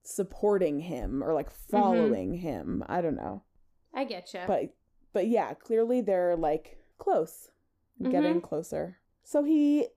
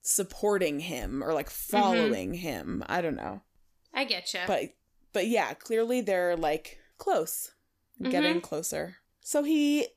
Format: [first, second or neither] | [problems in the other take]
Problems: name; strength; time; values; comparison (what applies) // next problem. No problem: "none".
second | muffled; slightly; fading above 1.5 kHz